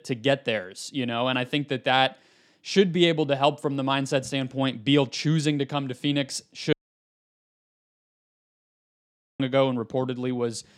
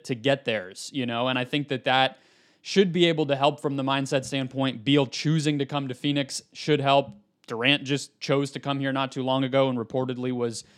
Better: second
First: audio cutting out; at 6.5 s for 2.5 s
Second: none

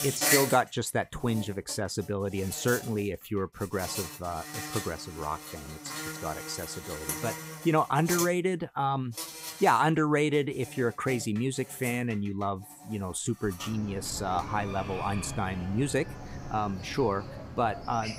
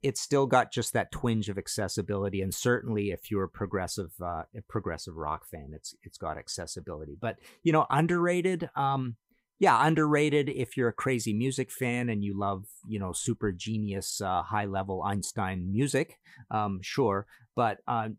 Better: second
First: animal sounds; loud; throughout; 6 dB below the speech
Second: none

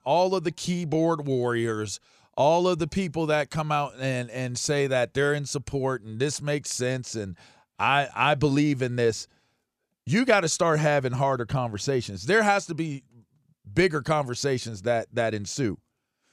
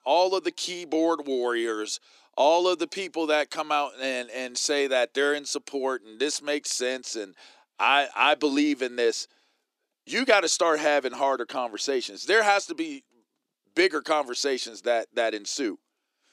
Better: first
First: none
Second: thin; somewhat; fading below 300 Hz

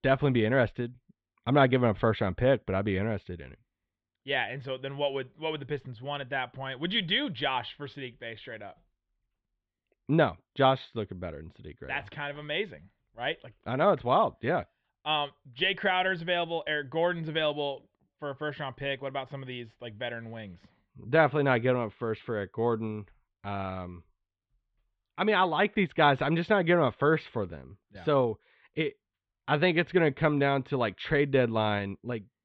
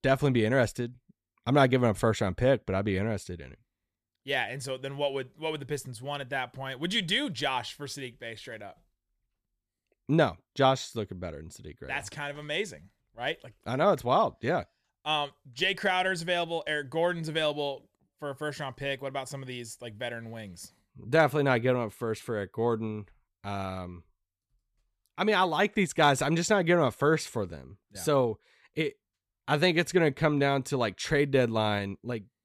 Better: second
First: muffled; very; fading above 3.5 kHz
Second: none

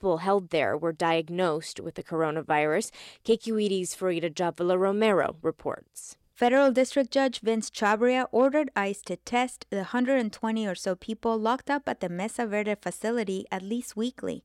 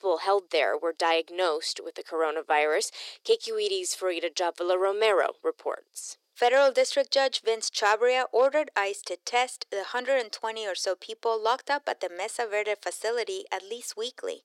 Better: first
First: none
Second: thin; very; fading below 350 Hz

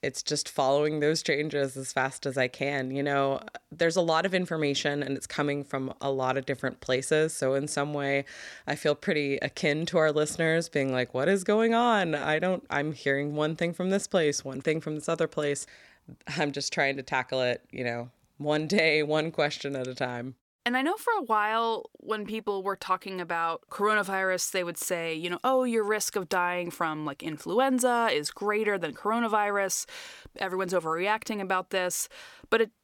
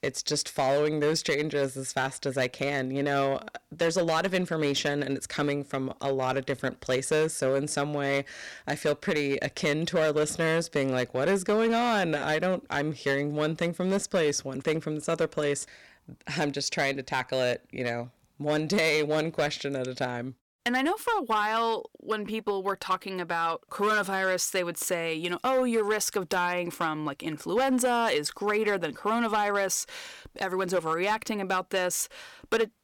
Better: first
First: none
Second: distortion; slight; 5% of the sound clipped

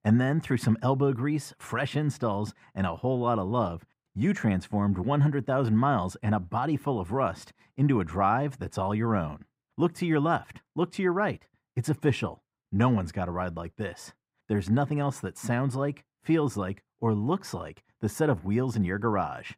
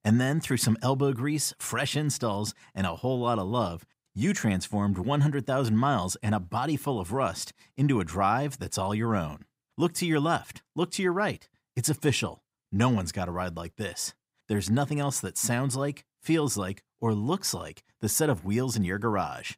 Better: second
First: muffled; slightly; fading above 3 kHz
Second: none

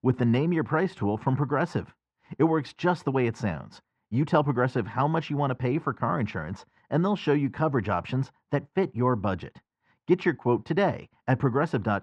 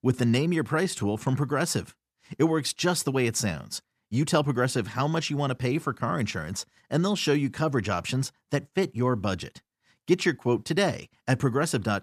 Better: second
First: muffled; very; fading above 2 kHz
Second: none

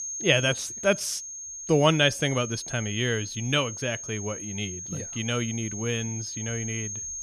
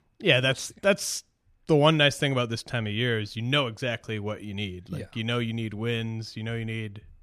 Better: second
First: high-pitched whine; loud; throughout; 6.5 kHz, 7 dB below the speech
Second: none

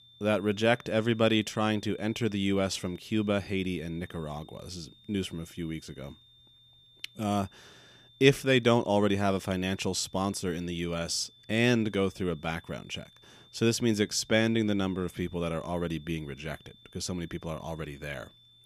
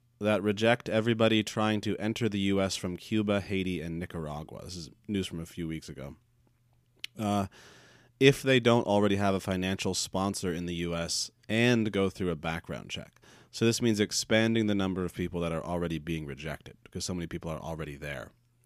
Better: second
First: high-pitched whine; faint; throughout; 3.5 kHz, 25 dB below the speech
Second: none

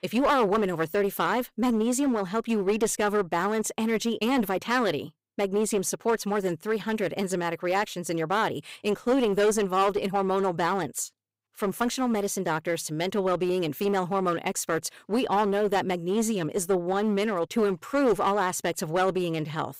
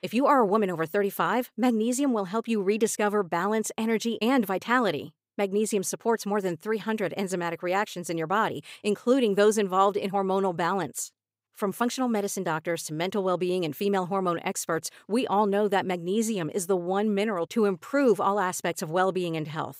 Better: second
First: distortion; slight; 8% of the sound clipped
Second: none

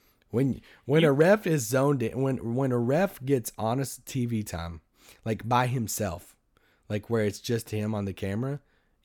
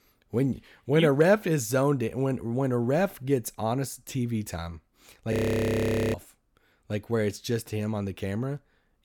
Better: first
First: none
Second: audio freezing; at 5.5 s for 1 s

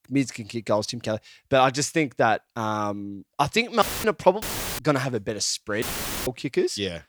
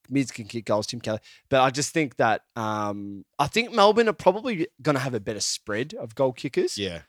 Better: second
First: audio cutting out; filled with static; at 4 s, at 4.5 s and at 6 s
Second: none

